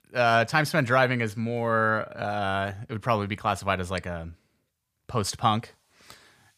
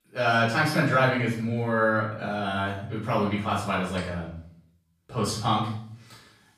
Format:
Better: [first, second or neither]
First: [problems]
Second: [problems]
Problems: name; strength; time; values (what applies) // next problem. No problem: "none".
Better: first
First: none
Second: room echo; noticeable; dies away in 0.5 s // off-mic speech; far